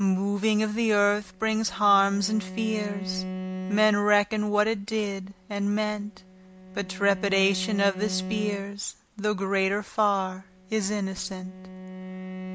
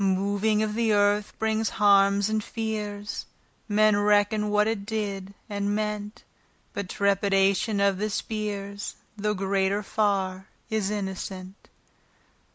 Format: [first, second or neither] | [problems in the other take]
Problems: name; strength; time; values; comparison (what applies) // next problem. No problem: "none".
second | background sound (Bowed string instrument); 12 dB below the speech